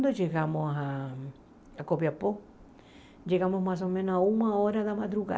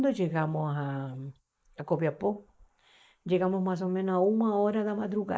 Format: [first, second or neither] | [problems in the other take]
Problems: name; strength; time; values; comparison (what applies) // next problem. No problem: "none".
first | noise reduction (neural mask model Resemble Enhance denoiser)